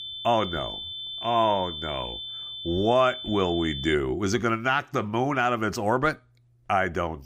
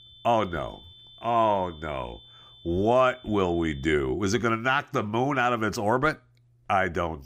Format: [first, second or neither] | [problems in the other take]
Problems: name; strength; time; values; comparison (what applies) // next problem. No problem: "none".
second | high-pitched whine; loud; until 4 s; 3.5 kHz, 8 dB below the speech; faint in the second